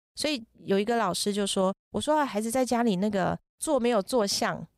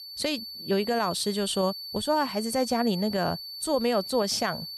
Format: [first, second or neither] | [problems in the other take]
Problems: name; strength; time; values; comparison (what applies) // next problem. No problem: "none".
first | high-pitched whine; loud; throughout; 4.5 kHz, 8 dB below the speech